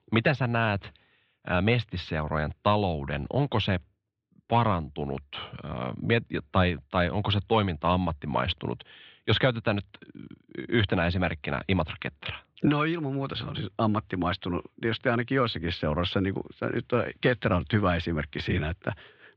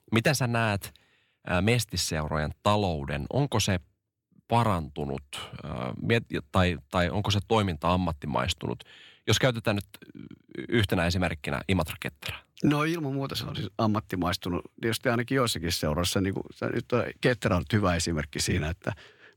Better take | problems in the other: second | muffled; slightly; fading above 3.5 kHz

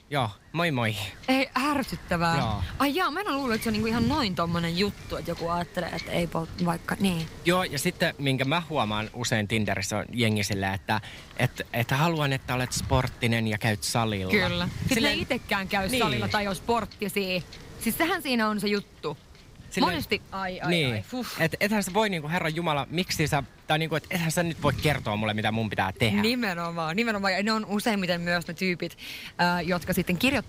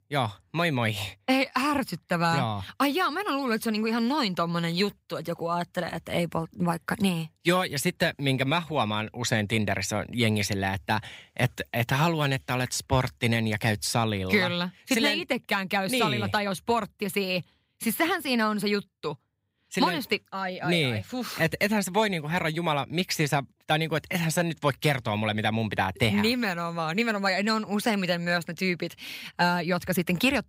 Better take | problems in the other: second | wind noise on the microphone; occasional gusts; 20 dB below the speech

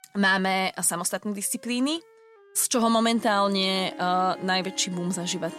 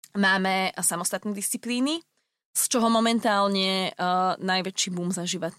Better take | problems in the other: second | background music; noticeable; throughout; 20 dB below the speech

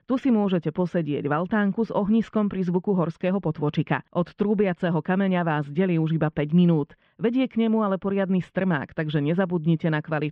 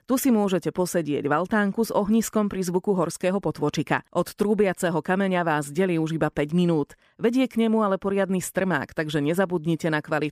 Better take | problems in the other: second | muffled; very; fading above 3.5 kHz

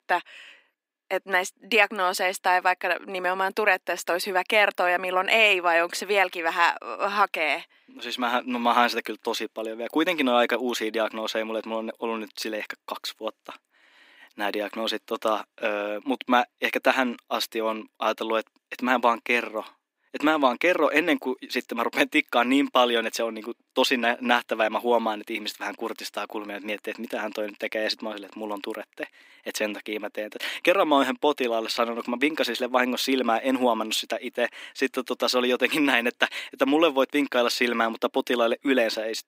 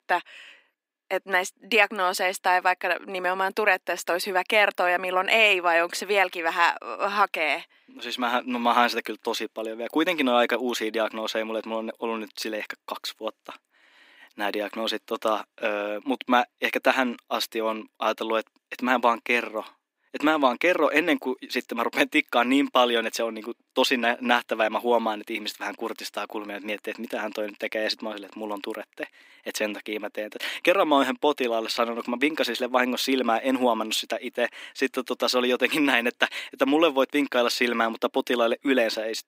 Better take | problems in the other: neither | thin; somewhat; fading below 250 Hz; the same in both

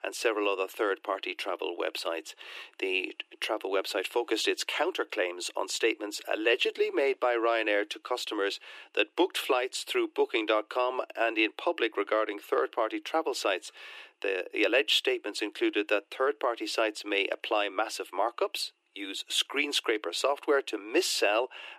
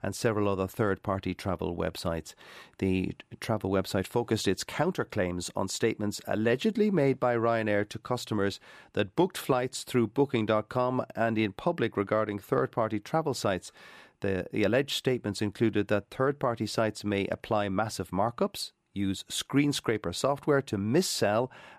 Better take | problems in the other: second | thin; very; fading below 300 Hz

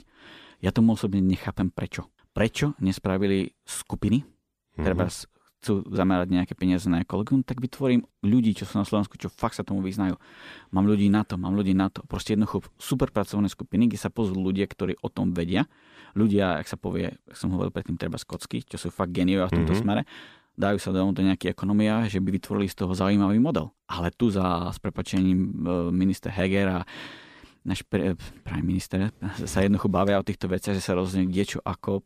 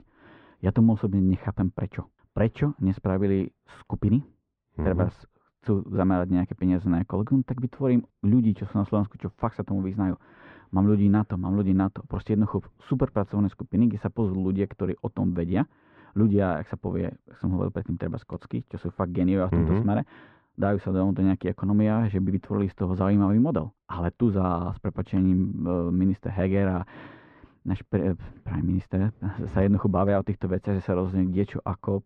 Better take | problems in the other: first | muffled; very; fading above 1.5 kHz

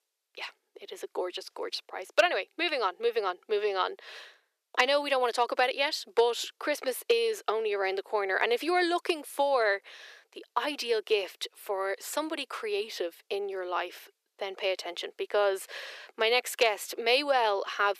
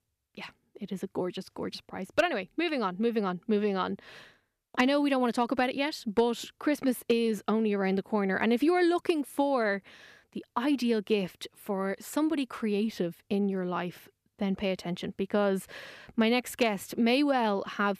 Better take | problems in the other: second | thin; very; fading below 400 Hz

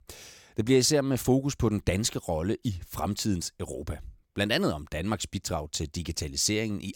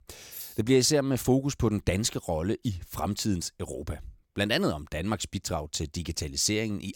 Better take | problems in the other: first | jangling keys; faint; at 0.5 s; peak 10 dB below the speech

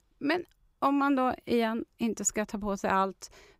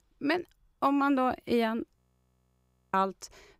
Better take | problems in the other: first | audio freezing; at 2 s for 1 s

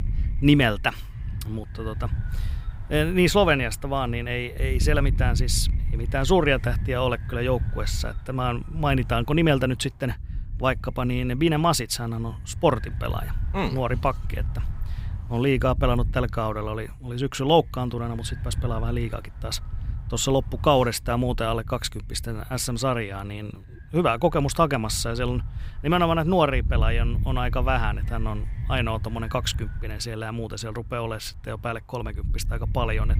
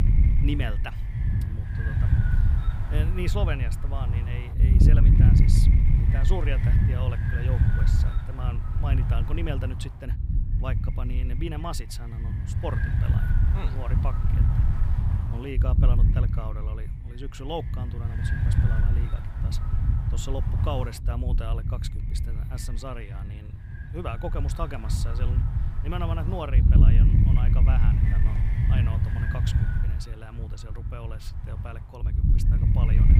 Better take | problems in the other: first | wind noise on the microphone; heavy; as loud as the speech; occasional gusts in the first

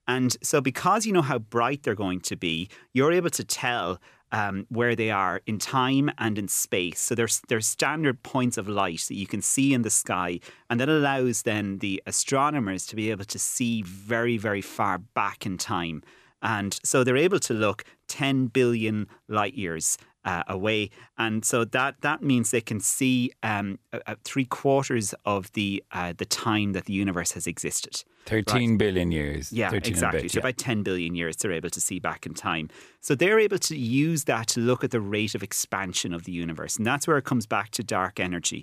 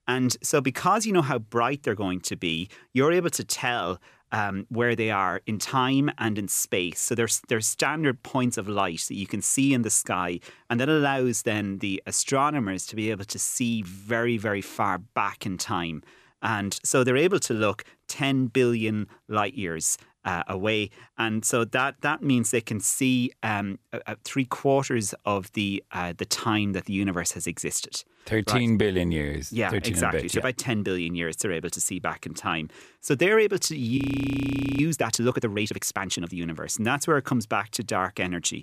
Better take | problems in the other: first | audio freezing; at 34 s for 1 s

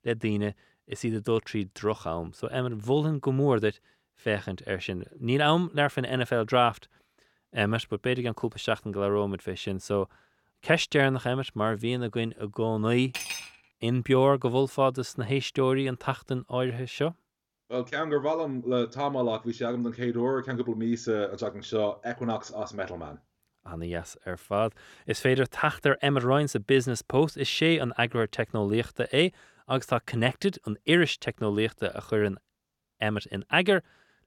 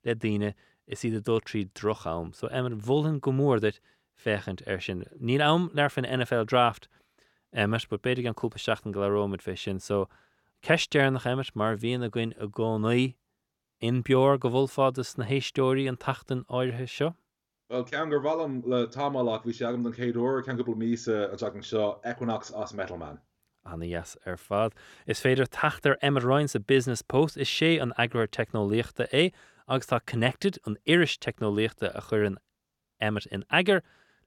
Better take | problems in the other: second | clattering dishes; noticeable; at 13 s; peak 6 dB below the speech

